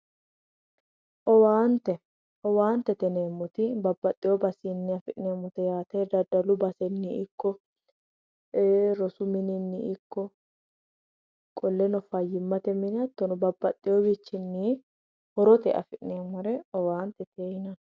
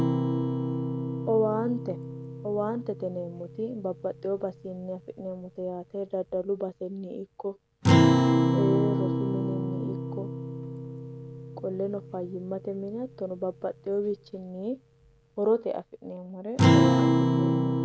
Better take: first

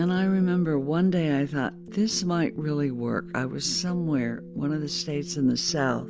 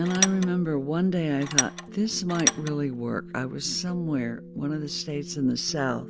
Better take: first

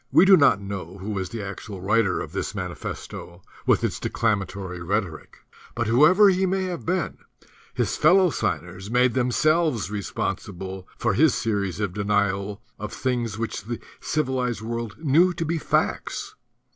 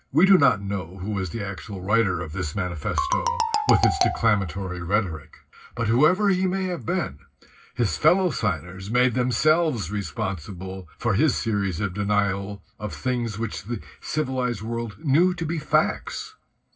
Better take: first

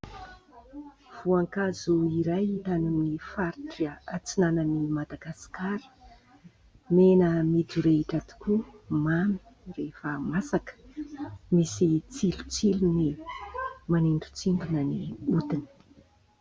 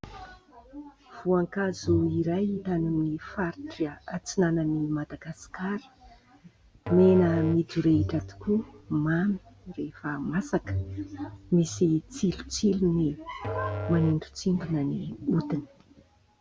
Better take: first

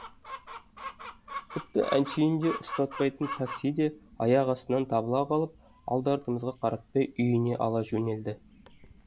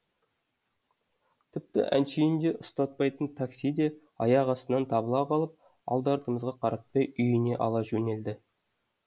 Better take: second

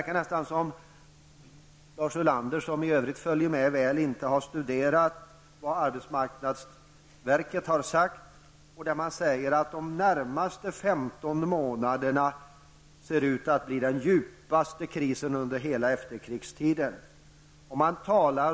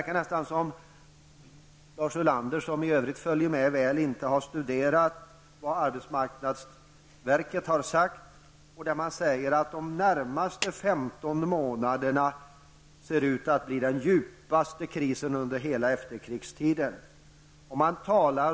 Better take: first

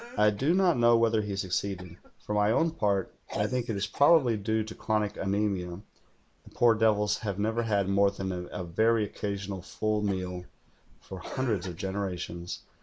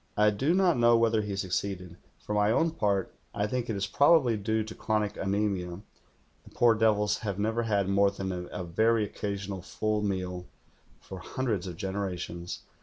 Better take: second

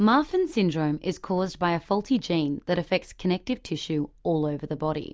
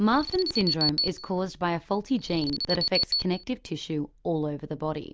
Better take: first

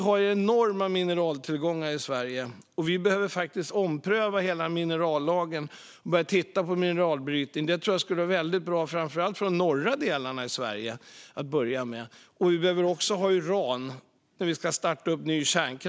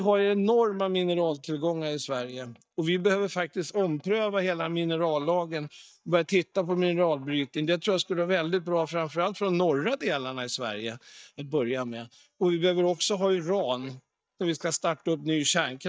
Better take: first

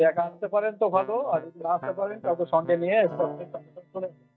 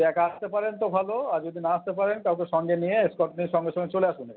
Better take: second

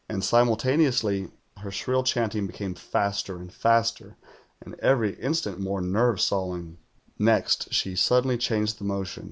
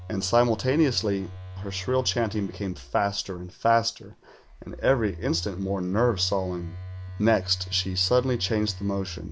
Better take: first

